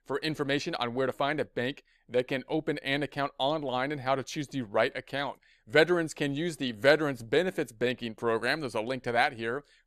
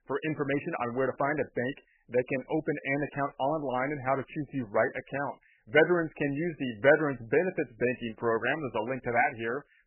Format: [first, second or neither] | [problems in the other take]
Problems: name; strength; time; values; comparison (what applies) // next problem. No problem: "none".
first | garbled, watery; badly; nothing above 3 kHz